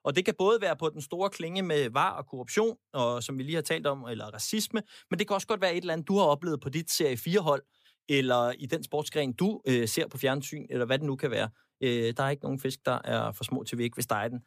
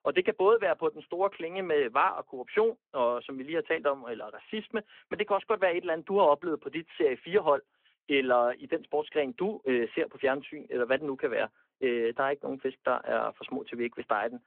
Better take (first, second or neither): first